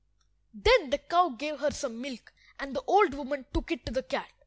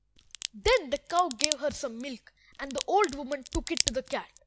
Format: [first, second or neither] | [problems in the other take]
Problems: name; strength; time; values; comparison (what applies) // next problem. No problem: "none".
first | background sound (Crack); 5 dB below the speech